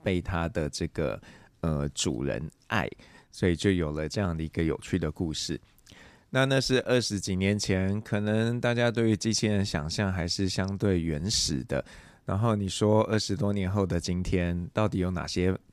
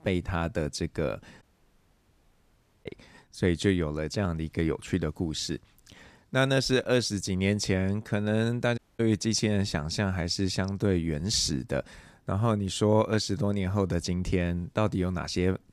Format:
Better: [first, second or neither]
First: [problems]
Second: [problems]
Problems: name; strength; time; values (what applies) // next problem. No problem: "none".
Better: first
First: none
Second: audio cutting out; at 1.5 s for 1.5 s and at 9 s